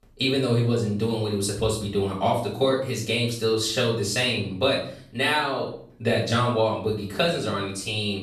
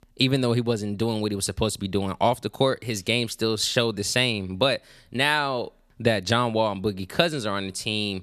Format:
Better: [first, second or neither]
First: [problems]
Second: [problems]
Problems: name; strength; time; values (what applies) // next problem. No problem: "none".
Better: second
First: off-mic speech; far // room echo; noticeable; dies away in 0.5 s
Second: none